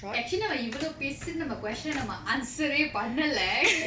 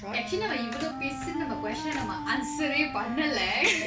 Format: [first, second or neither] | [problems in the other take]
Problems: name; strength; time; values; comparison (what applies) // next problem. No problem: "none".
first | background sound (Wind instrument, woodwind instrument); 7 dB below the speech